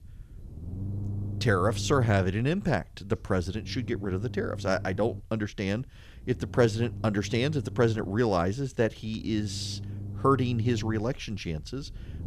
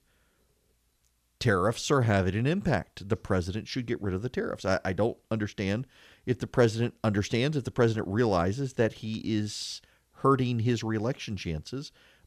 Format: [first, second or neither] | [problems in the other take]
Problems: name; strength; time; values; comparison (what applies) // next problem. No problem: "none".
second | low rumble; noticeable; throughout; 20 dB below the speech